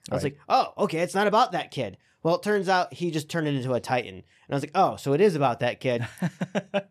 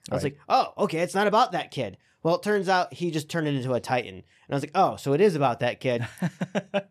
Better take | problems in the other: neither | none

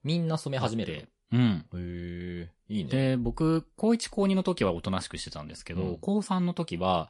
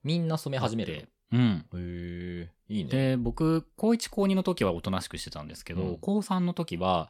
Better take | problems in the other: second | garbled, watery; slightly; nothing above 11 kHz

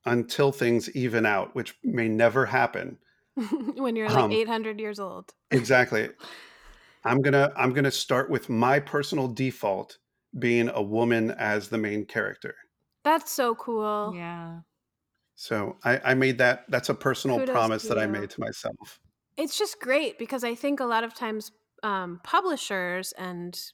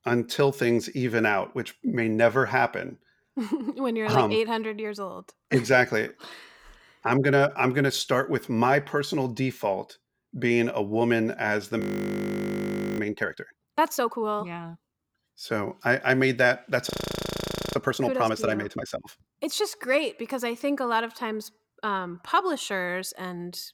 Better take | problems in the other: first | audio freezing; at 12 s for 1 s and at 17 s for 1 s

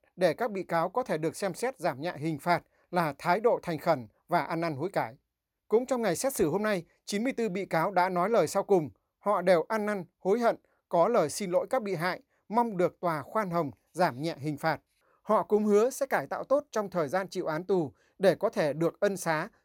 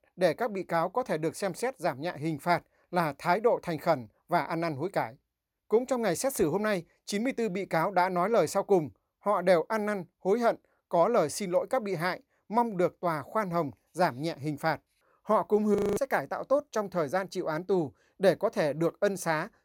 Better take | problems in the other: first | audio freezing; at 16 s

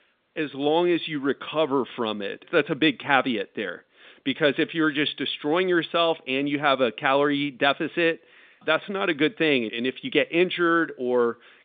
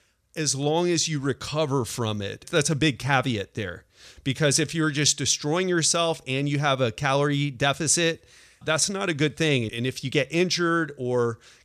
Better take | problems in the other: second | phone-call audio; nothing above 3.5 kHz

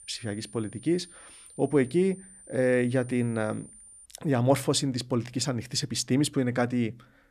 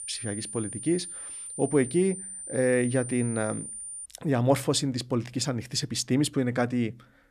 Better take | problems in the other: first | high-pitched whine; loud; until 4 s; 9 kHz, 9 dB below the speech; faint in the first

